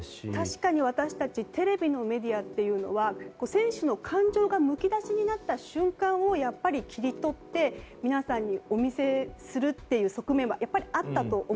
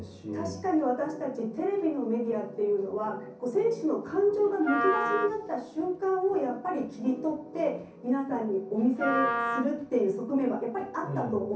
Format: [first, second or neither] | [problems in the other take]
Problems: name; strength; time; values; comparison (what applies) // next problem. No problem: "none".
first | background sound (Wind instrument, woodwind instrument); 4 dB below the speech // room echo; dies away in 0.6 s